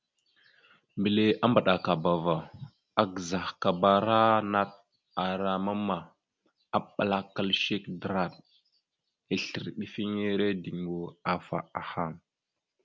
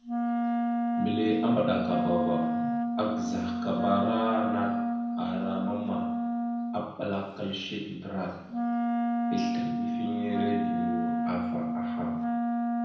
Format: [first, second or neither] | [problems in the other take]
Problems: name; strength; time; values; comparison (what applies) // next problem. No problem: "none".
first | background sound (Wind instrument, woodwind instrument); 3 dB above the speech // room echo; dies away in 0.9 s